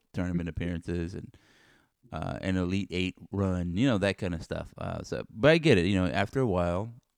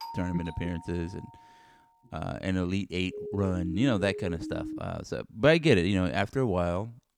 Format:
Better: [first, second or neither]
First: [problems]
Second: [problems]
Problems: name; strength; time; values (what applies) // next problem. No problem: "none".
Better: first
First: none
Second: doorbell; faint; until 1.5 s; peak 10 dB below the speech // siren; noticeable; from 3 to 5 s; peak 8 dB below the speech